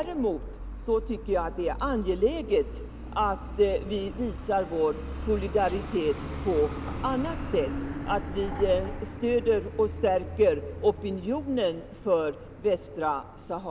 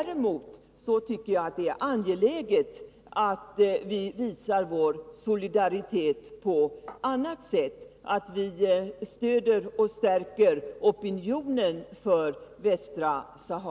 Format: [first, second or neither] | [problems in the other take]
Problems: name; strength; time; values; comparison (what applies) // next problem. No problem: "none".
second | background sound (Truck); 9 dB below the speech